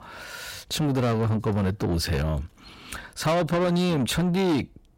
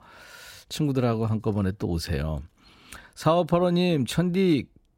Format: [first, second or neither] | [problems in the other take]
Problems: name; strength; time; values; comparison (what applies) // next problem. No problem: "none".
second | distortion; heavy; 8 dB below the speech